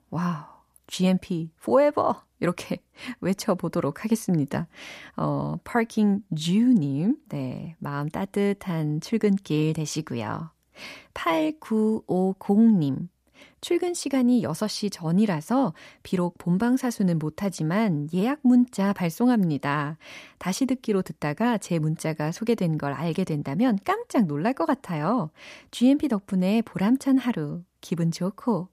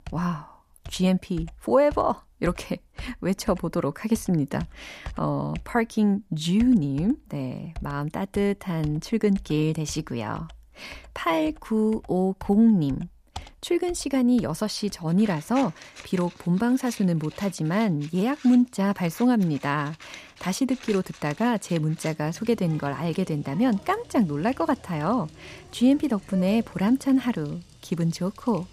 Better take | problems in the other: first | household noises; faint; throughout; 20 dB below the speech

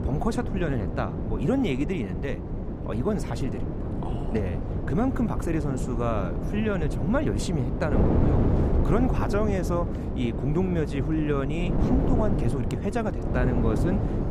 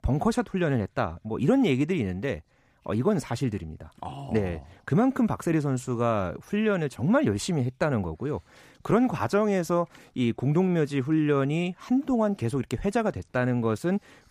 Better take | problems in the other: second | wind noise on the microphone; heavy; 4 dB below the speech

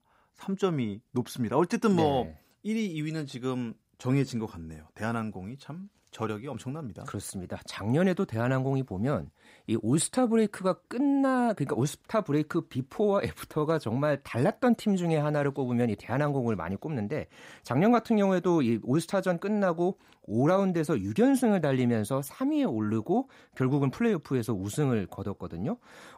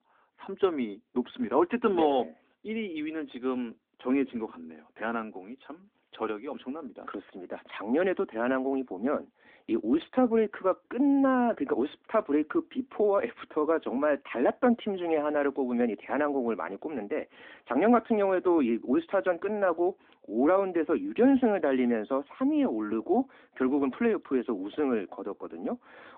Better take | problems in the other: first | phone-call audio

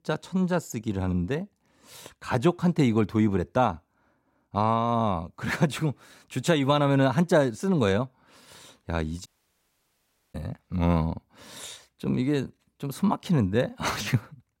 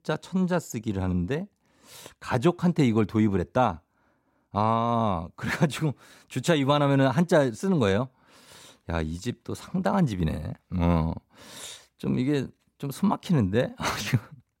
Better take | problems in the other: second | audio cutting out; at 9.5 s for 1 s

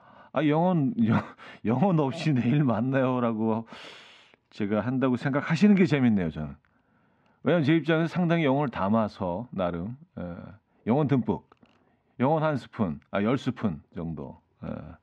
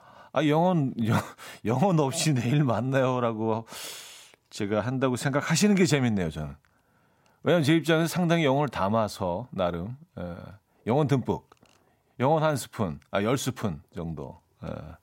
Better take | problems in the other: second | muffled; slightly; fading above 2.5 kHz

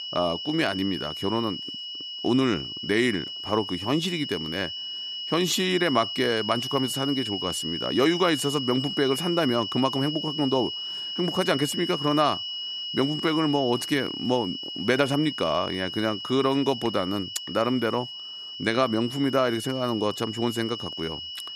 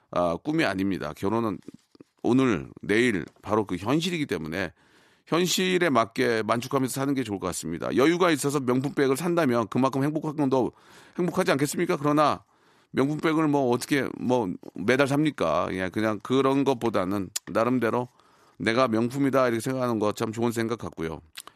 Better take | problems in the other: second | high-pitched whine; loud; throughout; 3 kHz, 5 dB below the speech

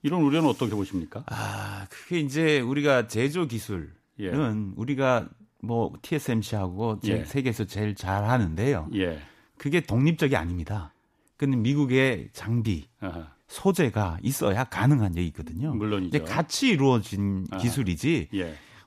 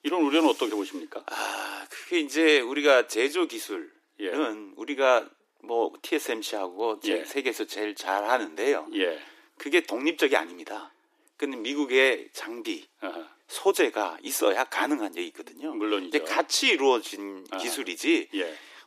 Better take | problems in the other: first | thin; somewhat; fading below 300 Hz

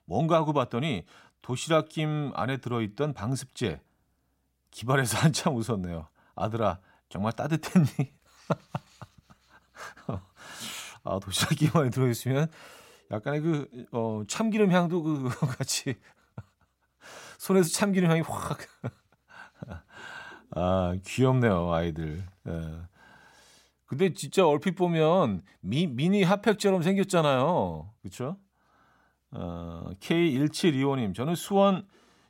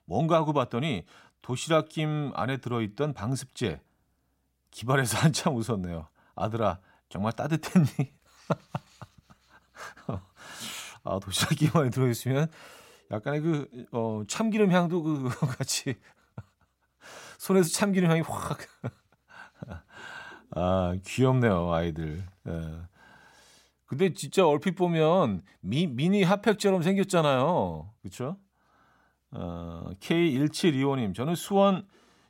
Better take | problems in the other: neither | none

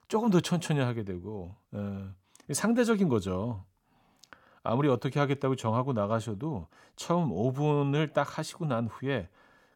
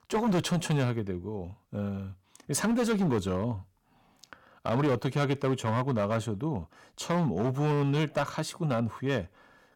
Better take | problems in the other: first | distortion; slight; 9% of the sound clipped

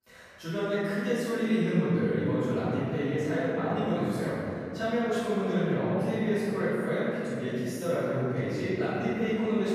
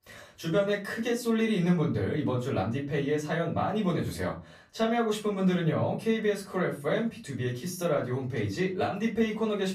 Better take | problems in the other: second | room echo; strong; dies away in 3 s; slight in the second // off-mic speech; far; far in the second

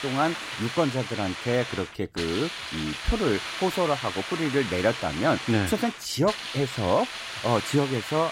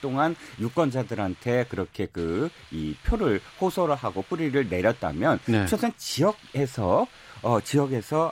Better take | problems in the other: second | hiss; loud; throughout; 6 dB below the speech; faint in the second

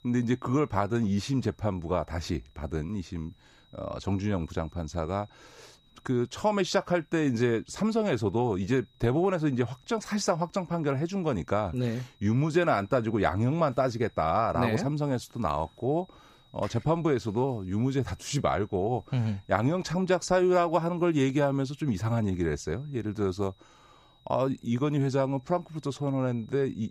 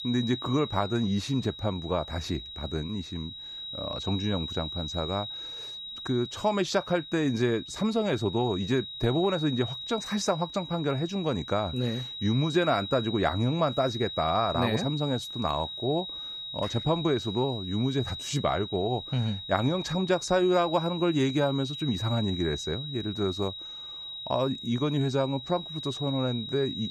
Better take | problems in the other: first | high-pitched whine; loud; throughout; 4 kHz, 8 dB below the speech; faint in the first

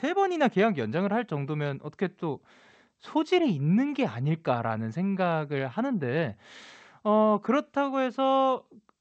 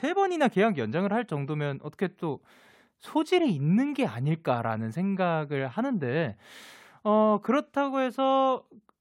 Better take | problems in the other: second | garbled, watery; slightly

